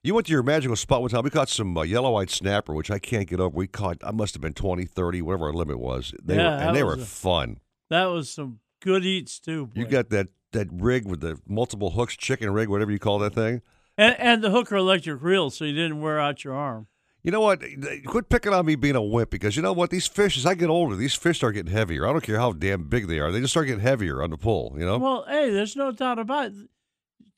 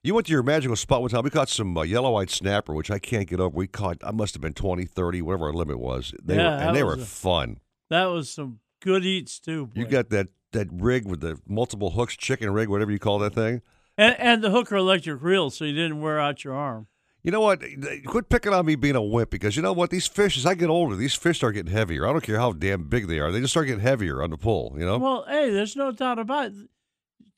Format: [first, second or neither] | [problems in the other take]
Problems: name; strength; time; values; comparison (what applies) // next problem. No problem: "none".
neither | none